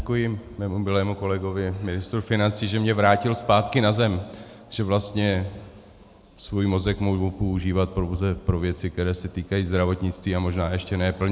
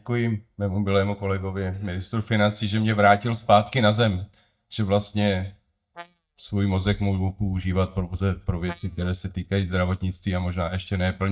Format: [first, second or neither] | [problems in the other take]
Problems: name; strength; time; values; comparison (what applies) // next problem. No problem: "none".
first | noise reduction (neural mask model DeepFilterNet 3)